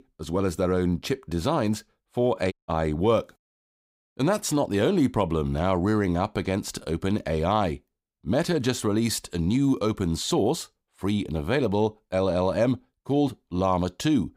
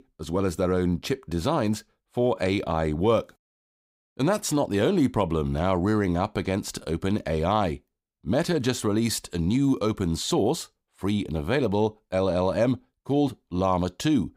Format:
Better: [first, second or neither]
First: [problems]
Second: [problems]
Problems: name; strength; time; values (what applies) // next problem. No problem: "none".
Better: second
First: audio cutting out; at 2.5 s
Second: none